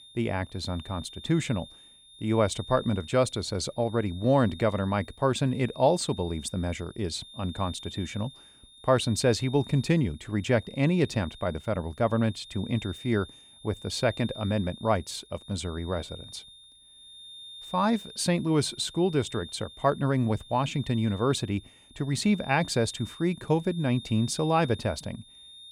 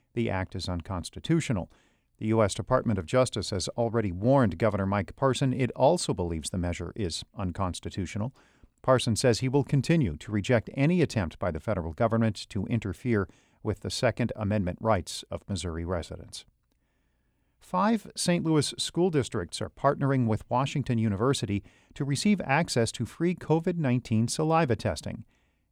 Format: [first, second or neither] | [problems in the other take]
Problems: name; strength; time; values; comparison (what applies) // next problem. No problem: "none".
second | high-pitched whine; noticeable; throughout; 3.5 kHz, 15 dB below the speech